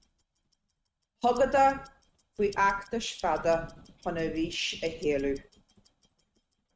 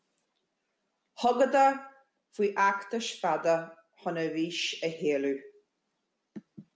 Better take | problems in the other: second | noise reduction (neural mask model RNNoise)

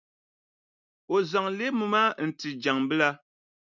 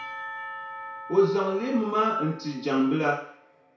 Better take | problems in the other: first | background sound (Church bell / Percussion); 14 dB below the speech // room echo; dies away in 0.6 s

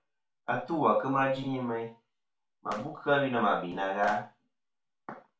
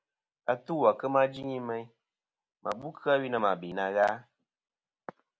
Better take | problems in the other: second | room echo; dies away in 0.3 s

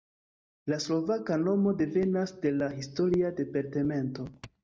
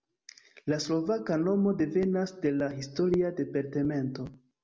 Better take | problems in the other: second | noise reduction (neural mask model DeepFilterNet 3)

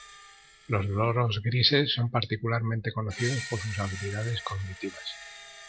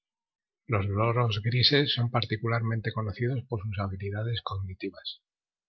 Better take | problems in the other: second | background sound (Screech); 15 dB below the speech

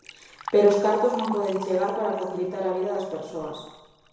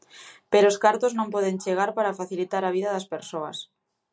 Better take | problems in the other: second | background sound (Liquid); 15 dB below the speech // room echo; dies away in 1 s

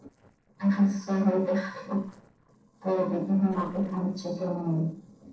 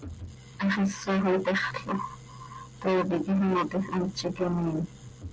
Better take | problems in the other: second | noise reduction (neural separator model SepFormer DNS4)

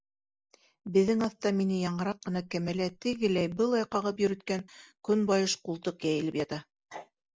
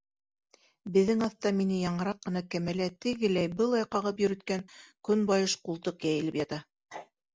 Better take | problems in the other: second | noise reduction (neural mask model Resemble Enhance denoiser)

